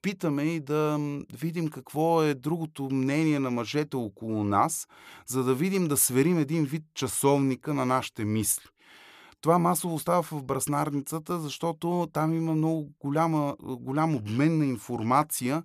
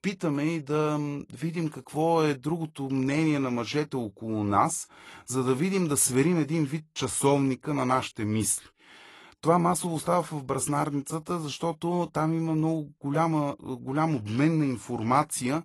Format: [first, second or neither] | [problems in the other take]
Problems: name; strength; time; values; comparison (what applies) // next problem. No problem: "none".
first | garbled, watery; slightly; nothing above 11.5 kHz